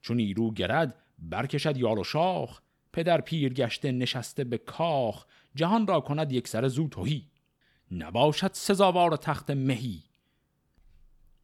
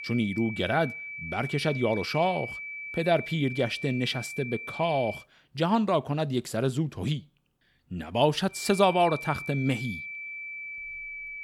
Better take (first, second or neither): first